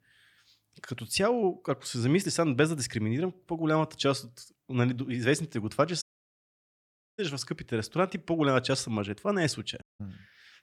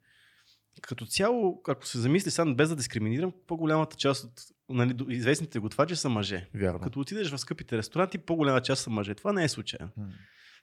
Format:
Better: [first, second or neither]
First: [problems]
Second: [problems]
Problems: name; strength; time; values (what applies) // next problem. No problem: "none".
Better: second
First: audio cutting out; at 6 s for 1 s and at 10 s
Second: none